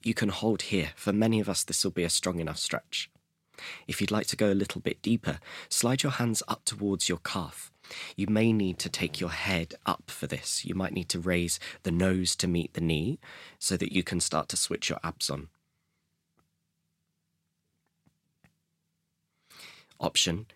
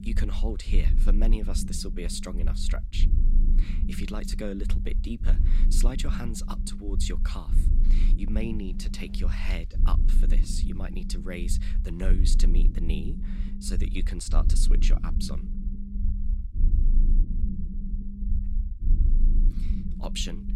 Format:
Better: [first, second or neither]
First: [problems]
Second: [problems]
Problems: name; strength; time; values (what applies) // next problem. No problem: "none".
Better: first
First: none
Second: low rumble; loud; throughout; 8 dB below the speech